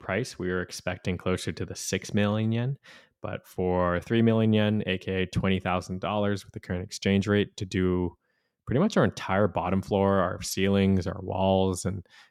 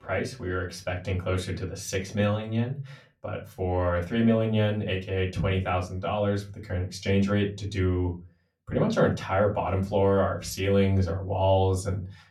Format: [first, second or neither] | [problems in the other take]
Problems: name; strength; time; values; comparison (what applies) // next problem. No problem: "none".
first | off-mic speech; far // room echo; very slight; dies away in 0.2 s